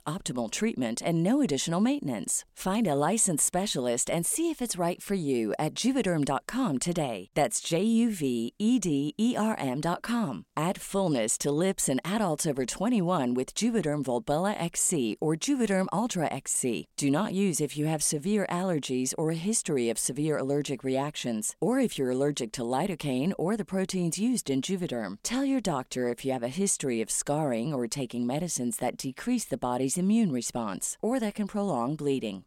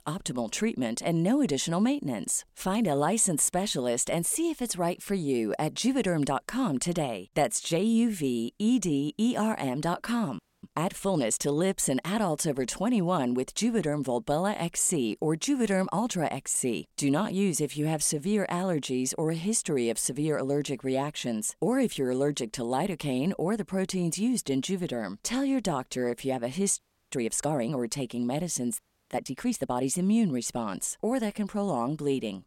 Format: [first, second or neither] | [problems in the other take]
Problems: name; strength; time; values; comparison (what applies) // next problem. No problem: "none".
first | audio freezing; at 10 s, at 27 s and at 29 s